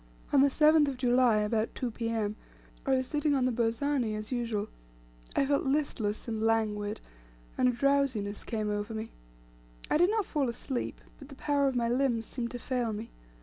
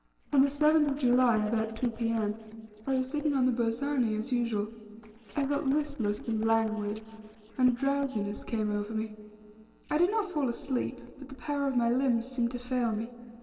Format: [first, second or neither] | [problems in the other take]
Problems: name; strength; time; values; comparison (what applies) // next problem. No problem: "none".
first | noise reduction (neural separator model SepFormer DNS4)